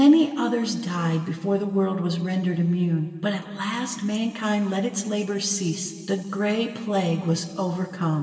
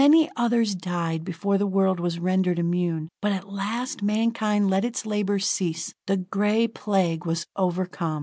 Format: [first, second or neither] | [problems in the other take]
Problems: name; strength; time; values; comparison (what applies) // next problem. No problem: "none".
second | room echo; dies away in 2.8 s